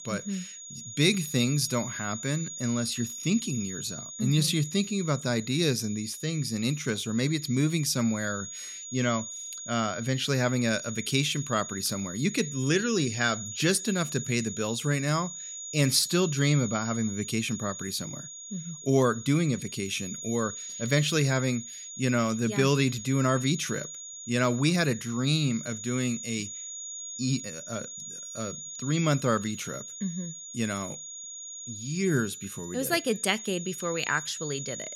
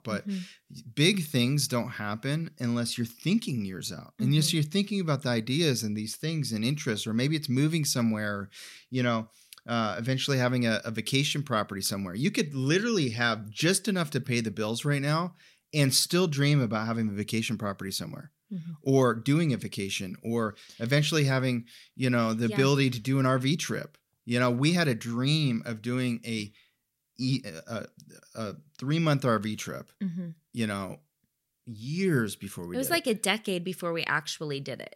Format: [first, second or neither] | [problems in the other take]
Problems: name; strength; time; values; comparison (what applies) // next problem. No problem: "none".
second | high-pitched whine; loud; throughout; 6.5 kHz, 9 dB below the speech